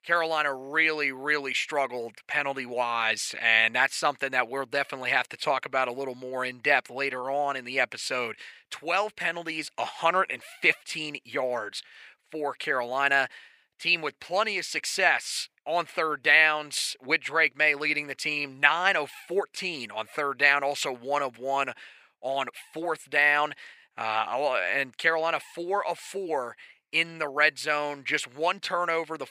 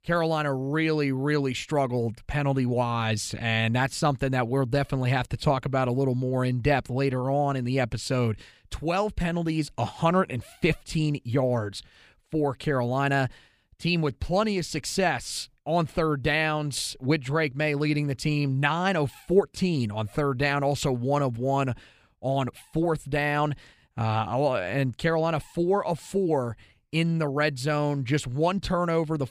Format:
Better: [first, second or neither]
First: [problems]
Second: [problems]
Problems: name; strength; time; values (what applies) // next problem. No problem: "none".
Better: second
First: thin; very; fading below 550 Hz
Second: none